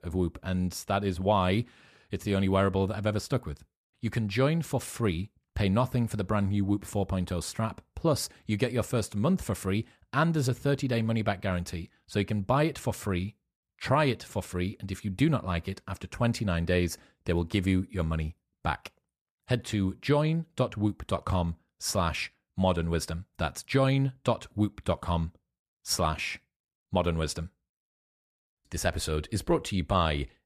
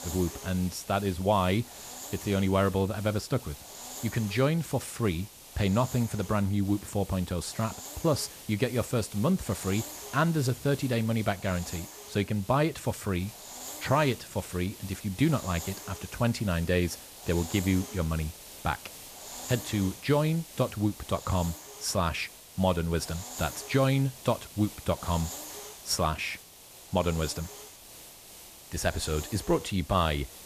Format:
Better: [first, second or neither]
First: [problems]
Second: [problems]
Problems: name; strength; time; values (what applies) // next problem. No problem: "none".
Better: first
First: none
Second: hiss; noticeable; throughout; 15 dB below the speech